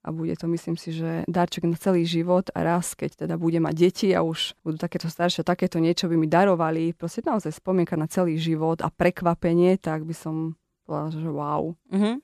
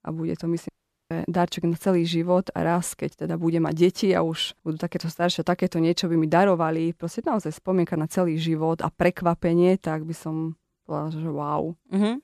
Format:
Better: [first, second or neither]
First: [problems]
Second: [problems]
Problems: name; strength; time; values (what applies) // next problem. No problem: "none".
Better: first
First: none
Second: audio cutting out; at 0.5 s